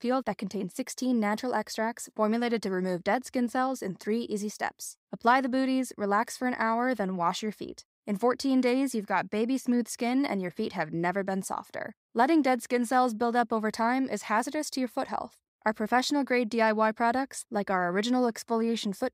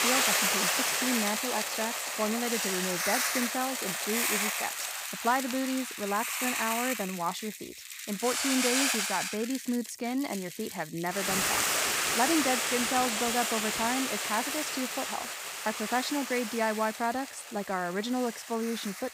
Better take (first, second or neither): first